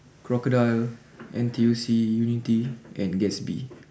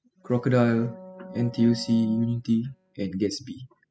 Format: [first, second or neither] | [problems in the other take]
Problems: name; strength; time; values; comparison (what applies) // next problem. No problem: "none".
first | noise reduction (classical method spectral subtraction)